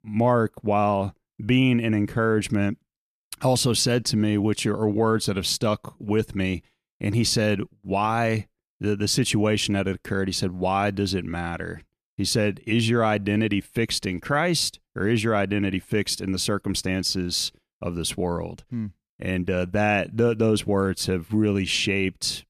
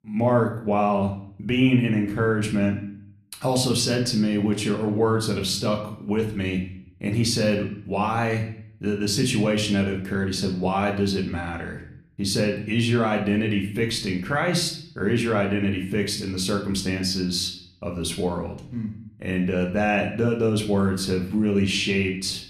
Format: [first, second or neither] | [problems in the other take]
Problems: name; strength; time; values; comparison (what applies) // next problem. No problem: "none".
first | room echo; slight; dies away in 0.5 s // off-mic speech; somewhat distant